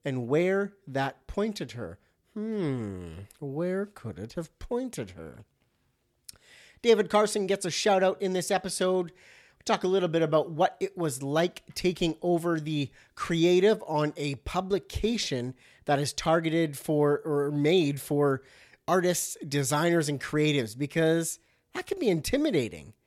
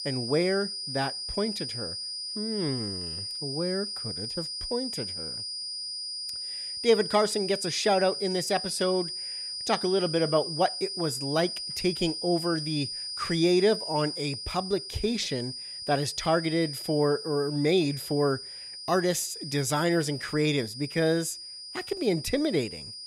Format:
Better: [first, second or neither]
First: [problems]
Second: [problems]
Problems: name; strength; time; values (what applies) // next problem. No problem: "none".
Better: first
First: none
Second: high-pitched whine; loud; throughout; 5 kHz, 6 dB below the speech